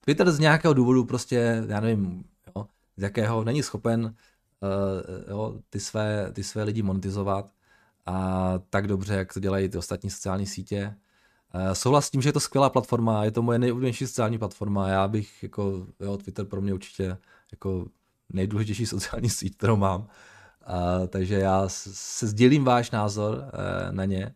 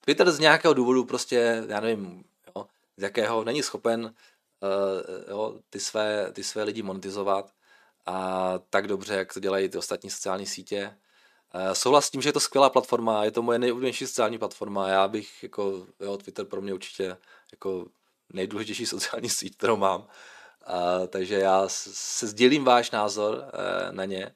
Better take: first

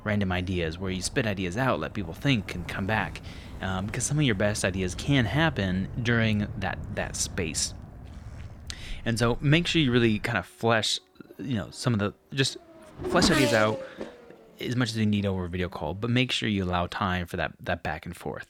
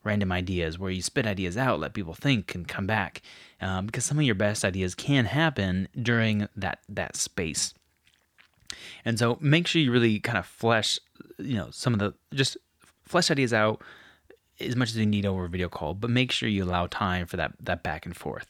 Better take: second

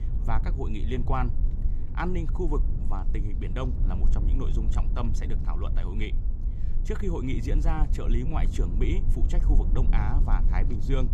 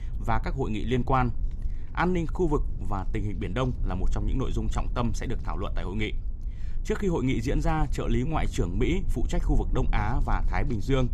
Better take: second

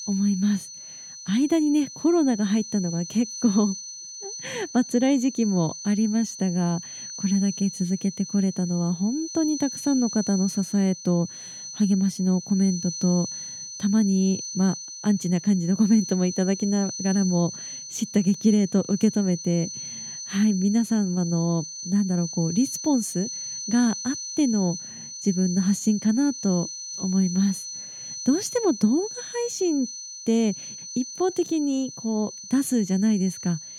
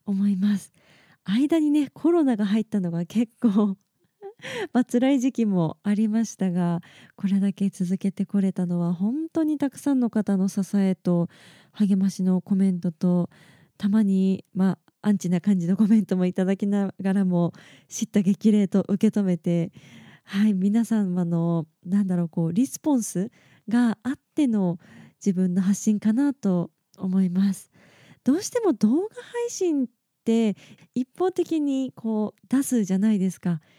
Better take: second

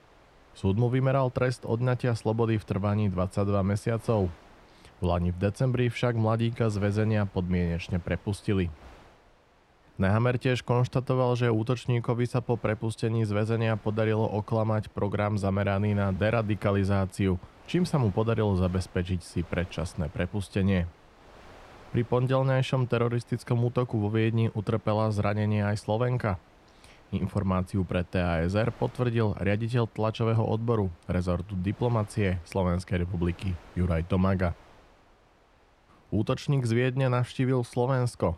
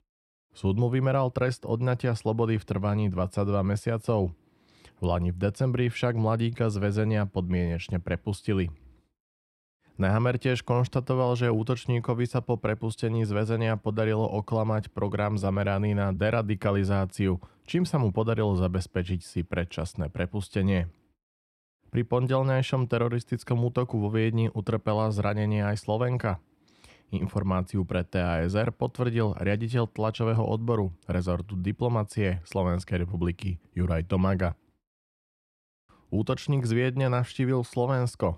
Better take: second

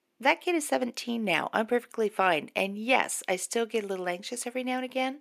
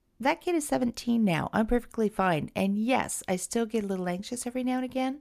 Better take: second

